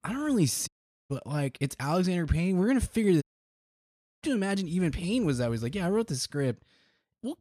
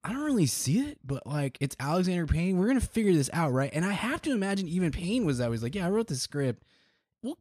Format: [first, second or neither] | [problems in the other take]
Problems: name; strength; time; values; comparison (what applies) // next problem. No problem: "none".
second | audio cutting out; at 0.5 s and at 3 s for 1 s